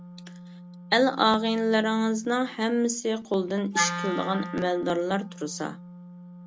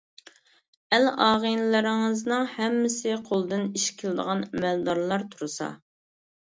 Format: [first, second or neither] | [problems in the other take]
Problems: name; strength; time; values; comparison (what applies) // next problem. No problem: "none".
second | background sound (Wind instrument, woodwind instrument); 11 dB below the speech